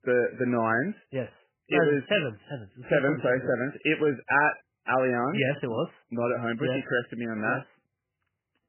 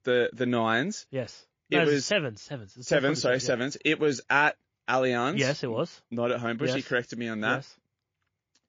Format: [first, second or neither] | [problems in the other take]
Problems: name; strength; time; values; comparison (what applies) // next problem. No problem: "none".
second | garbled, watery; badly; nothing above 3 kHz; slightly in the second